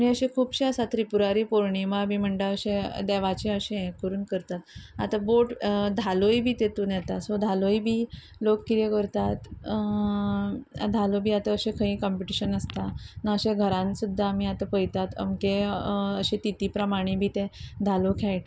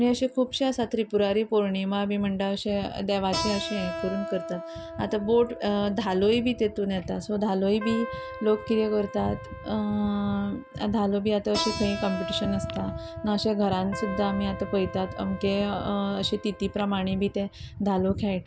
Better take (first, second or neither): first